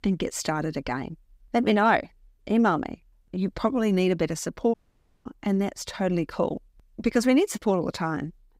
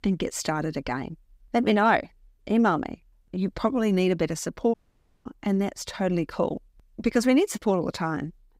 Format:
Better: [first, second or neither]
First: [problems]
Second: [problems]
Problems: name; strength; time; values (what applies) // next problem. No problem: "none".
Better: neither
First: audio cutting out; at 4.5 s for 0.5 s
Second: audio cutting out; at 4.5 s for 0.5 s